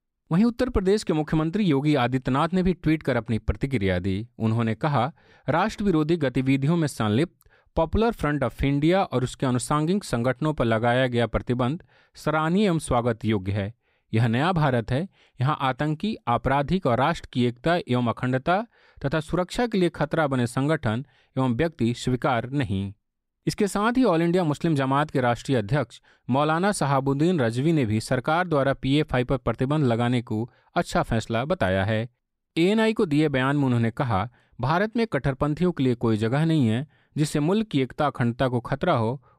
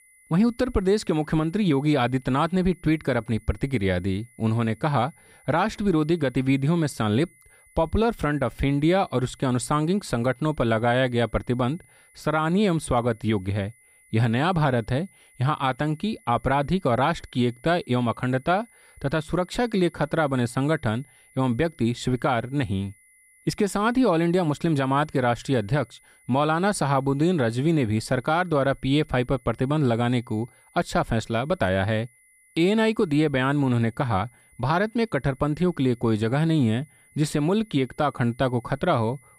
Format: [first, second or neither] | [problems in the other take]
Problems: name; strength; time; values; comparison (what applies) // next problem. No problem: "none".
first | high-pitched whine; faint; throughout; 2 kHz, 30 dB below the speech